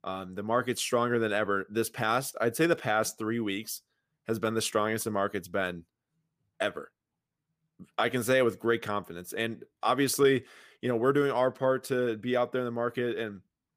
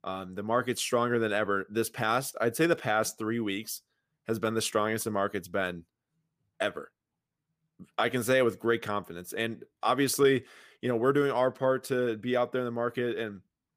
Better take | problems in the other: neither | none

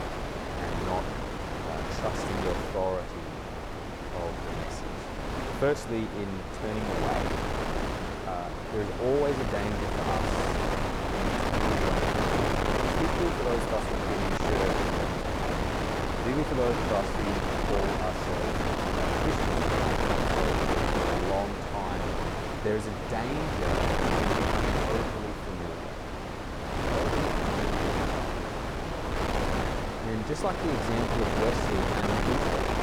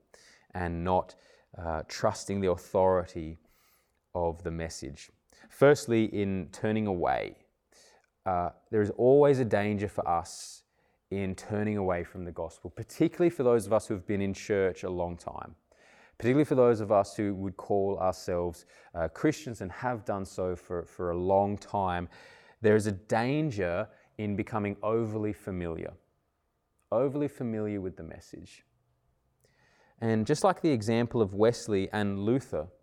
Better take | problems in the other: second | wind noise on the microphone; heavy; 5 dB above the speech

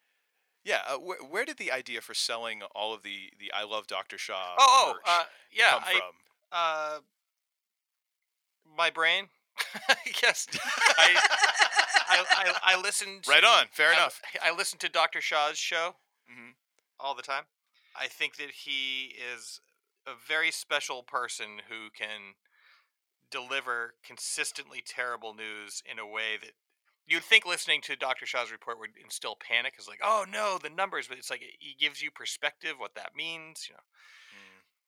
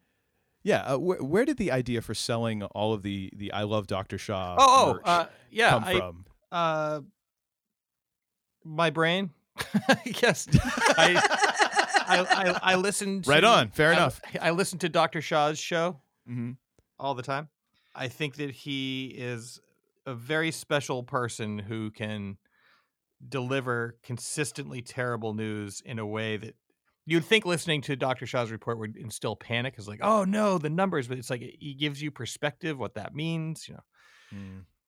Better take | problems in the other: second | thin; very; fading below 800 Hz

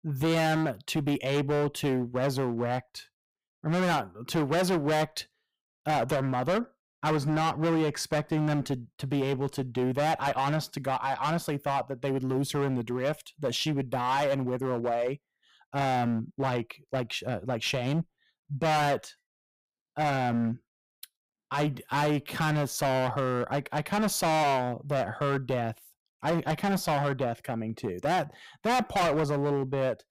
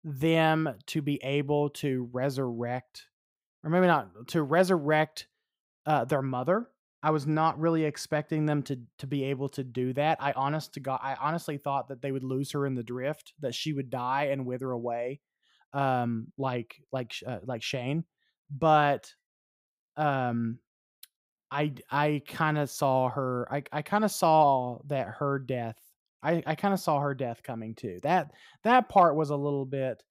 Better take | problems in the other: second | distortion; heavy; 15% of the sound clipped

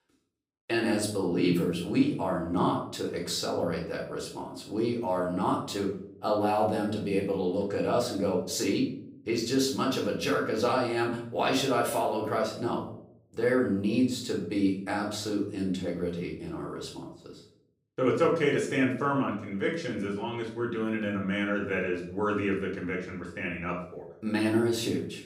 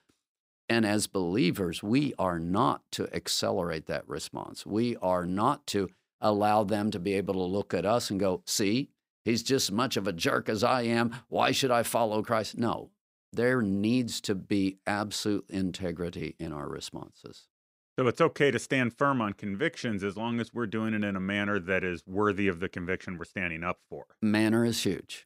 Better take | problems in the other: second | off-mic speech; far // room echo; slight; dies away in 0.5 s

